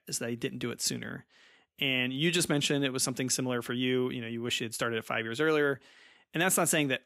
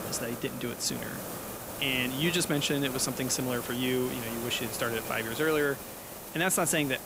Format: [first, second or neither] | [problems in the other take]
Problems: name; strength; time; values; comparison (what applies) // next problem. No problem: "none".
first | hiss; loud; throughout; 8 dB below the speech